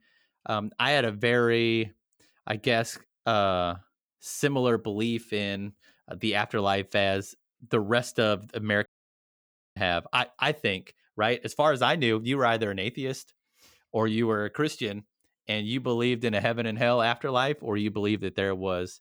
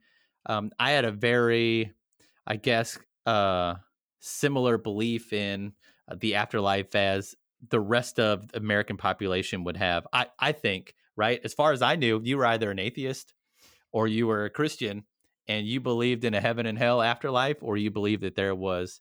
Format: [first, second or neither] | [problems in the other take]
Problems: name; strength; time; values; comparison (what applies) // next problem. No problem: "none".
second | audio cutting out; at 9 s for 1 s